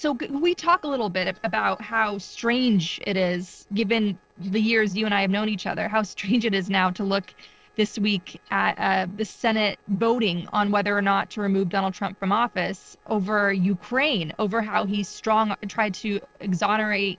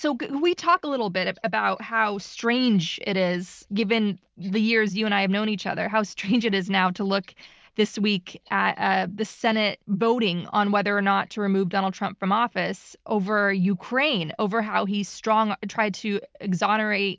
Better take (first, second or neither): second